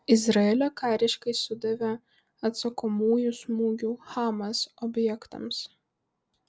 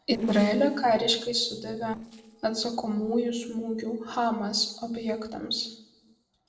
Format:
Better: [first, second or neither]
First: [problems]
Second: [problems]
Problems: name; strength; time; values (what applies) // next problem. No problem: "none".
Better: first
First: none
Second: noise reduction (neural separator model SepFormer DNS4)